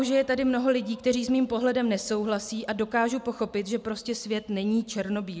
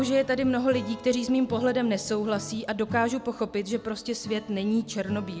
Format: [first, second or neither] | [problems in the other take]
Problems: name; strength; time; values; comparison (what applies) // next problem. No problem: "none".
first | background sound (Acoustic guitar / Strum); 15 dB below the speech